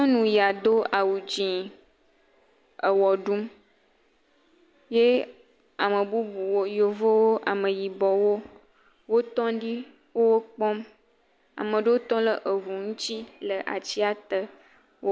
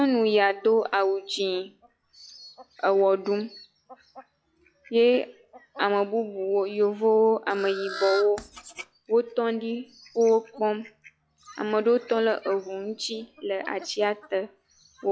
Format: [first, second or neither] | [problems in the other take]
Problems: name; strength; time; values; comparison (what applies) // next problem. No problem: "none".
first | noise reduction (classical method log-MMSE)